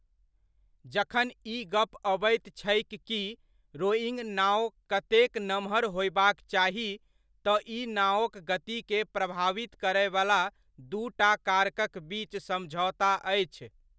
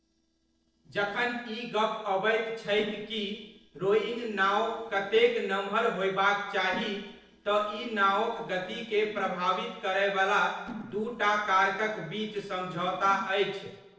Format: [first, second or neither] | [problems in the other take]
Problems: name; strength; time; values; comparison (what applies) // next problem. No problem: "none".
first | noise reduction (neural separator model SepFormer DNS4)